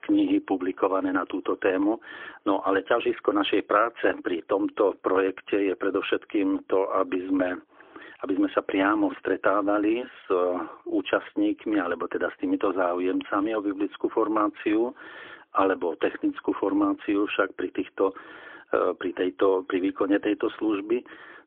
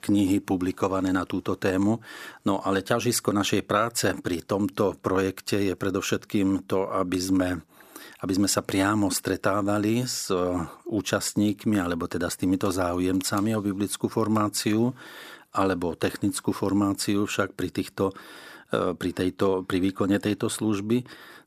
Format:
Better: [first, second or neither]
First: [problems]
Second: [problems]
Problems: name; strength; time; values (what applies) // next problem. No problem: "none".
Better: second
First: phone-call audio; poor line; nothing above 3.5 kHz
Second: none